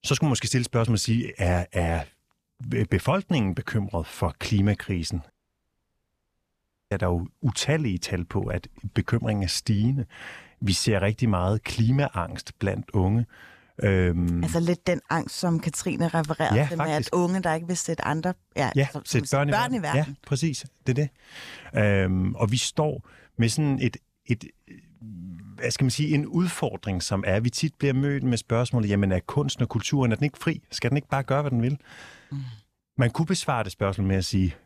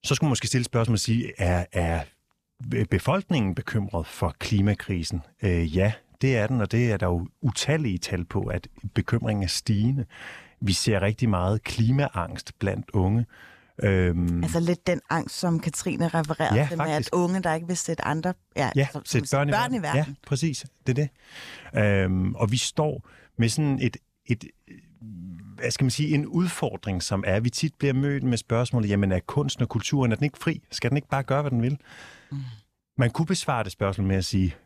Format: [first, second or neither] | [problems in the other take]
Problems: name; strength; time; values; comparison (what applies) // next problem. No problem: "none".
second | audio cutting out; at 5.5 s for 1.5 s